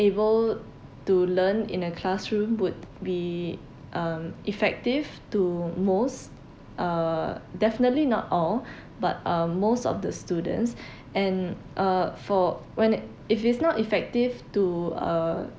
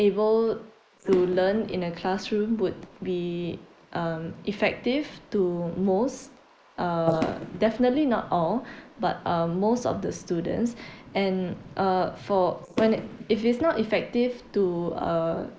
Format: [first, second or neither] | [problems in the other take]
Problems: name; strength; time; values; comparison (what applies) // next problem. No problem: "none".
first | noise reduction (neural mask model Resemble Enhance denoiser)